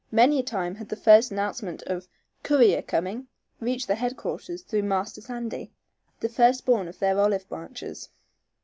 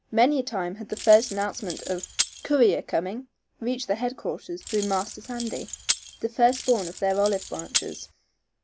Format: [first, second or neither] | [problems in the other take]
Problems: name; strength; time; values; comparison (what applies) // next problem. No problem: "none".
first | background sound (Keys jangling); 8 dB below the speech